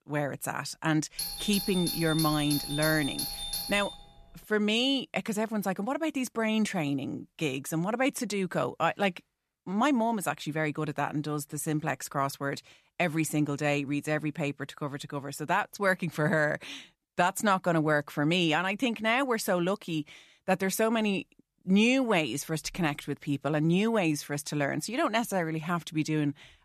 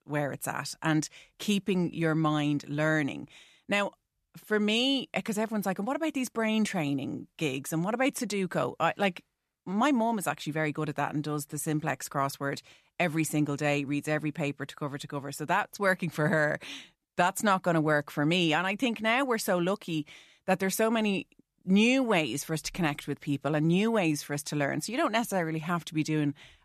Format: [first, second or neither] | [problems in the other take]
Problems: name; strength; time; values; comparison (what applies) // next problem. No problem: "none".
second | doorbell; noticeable; from 1 to 4.5 s; peak 2 dB below the speech